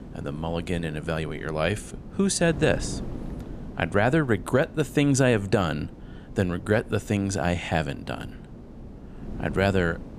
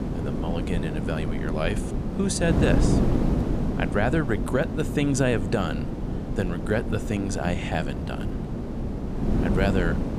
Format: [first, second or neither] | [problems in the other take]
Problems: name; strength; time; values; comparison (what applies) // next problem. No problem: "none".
first | wind noise on the microphone; heavy; 5 dB below the speech; occasional gusts in the first